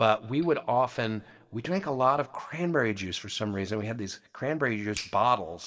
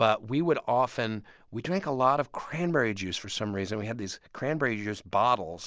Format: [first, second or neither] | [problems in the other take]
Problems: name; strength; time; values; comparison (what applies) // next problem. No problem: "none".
second | noise reduction (neural mask model DeepFilterNet 3)